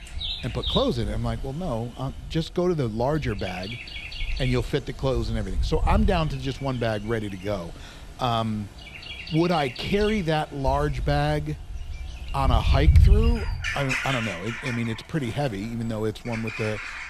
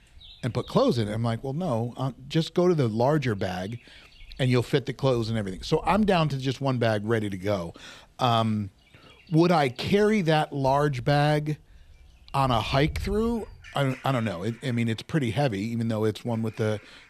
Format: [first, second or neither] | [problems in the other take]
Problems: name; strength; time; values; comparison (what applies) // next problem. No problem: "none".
second | animal sounds; loud; throughout; 1 dB below the speech; faint in the second